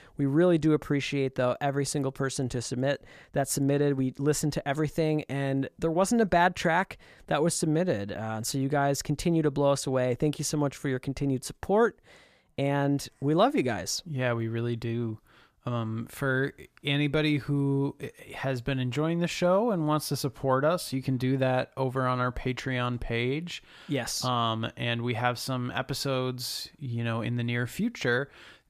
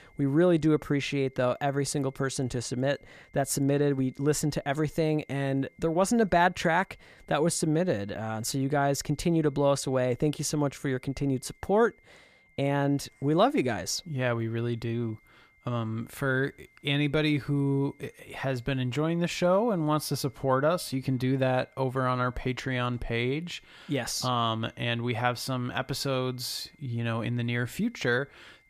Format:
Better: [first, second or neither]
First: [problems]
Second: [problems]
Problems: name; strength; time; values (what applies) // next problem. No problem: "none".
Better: first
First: none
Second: high-pitched whine; faint; throughout; 2 kHz, 35 dB below the speech